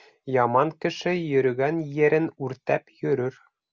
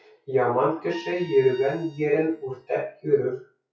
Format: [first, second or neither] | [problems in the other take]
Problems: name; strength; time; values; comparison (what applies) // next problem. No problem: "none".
first | noise reduction (classical method WPE with log-MMSE)